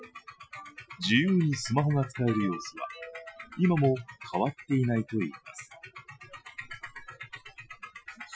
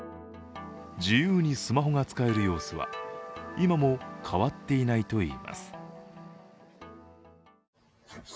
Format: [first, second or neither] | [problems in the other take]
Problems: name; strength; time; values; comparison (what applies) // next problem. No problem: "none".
second | noise reduction (classical method Wiener filter)